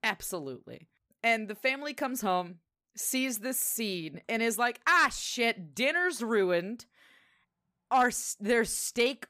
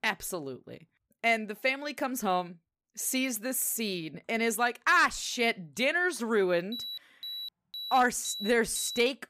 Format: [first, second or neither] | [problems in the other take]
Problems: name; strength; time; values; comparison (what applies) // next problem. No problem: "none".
first | alarm; noticeable; from 6.5 s on; peak 8 dB below the speech